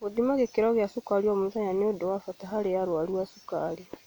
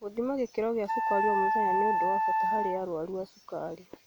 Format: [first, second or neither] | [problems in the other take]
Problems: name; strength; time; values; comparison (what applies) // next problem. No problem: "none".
first | background sound (Wind instrument, woodwind instrument); 3 dB above the speech